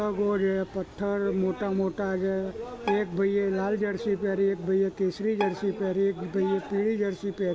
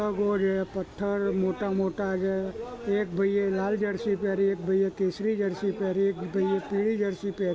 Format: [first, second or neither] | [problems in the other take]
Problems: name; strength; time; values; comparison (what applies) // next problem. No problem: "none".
second | background sound (Bowed string instrument); 15 dB below the speech